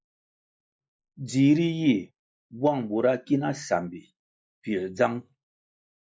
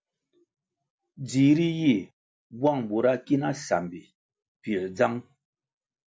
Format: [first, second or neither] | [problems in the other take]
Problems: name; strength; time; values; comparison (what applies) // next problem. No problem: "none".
second | noise reduction (neural mask model Resemble Enhance denoiser)